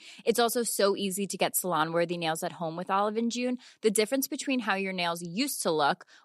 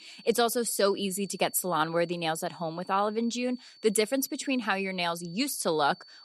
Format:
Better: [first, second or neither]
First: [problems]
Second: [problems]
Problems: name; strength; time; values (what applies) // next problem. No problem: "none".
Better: first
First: none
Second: high-pitched whine; faint; throughout; 4.5 kHz, 25 dB below the speech